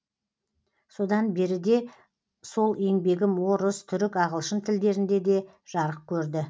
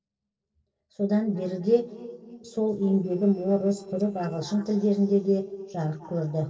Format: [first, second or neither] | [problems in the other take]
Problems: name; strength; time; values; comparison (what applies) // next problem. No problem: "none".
first | noise reduction (neural separator model SepFormer DNS4)